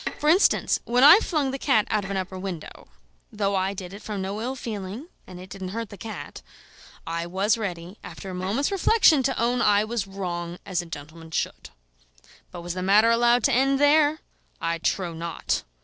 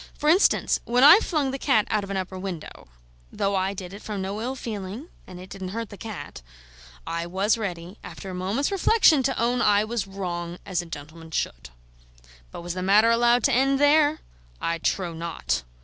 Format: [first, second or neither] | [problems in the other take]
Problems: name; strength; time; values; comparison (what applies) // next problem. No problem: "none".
second | noise reduction (neural separator model SepFormer DNS4)